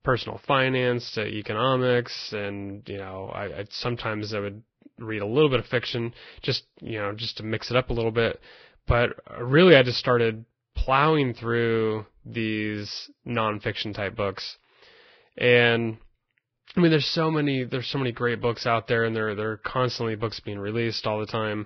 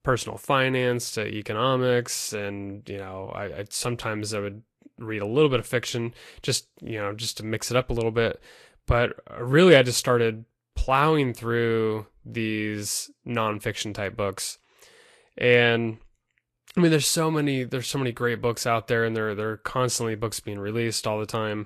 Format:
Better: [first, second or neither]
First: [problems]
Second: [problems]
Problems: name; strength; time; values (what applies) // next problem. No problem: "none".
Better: second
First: garbled, watery; badly; nothing above 5.5 kHz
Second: garbled, watery; slightly; nothing above 13 kHz